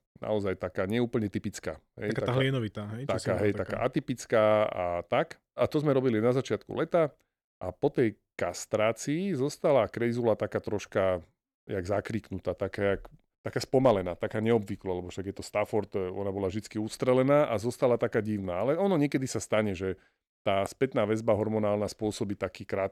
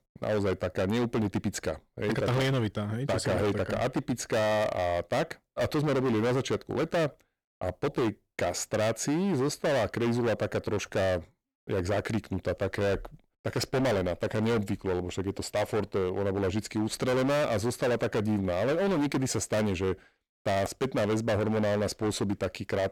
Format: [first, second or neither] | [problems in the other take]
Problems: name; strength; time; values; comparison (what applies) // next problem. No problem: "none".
first | distortion; heavy; 21% of the sound clipped